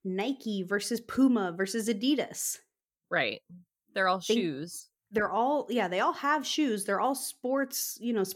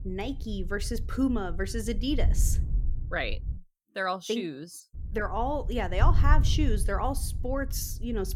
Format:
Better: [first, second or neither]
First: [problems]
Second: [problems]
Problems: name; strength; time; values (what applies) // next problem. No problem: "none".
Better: first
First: none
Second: wind noise on the microphone; occasional gusts; until 3.5 s and from 5 s on; 15 dB below the speech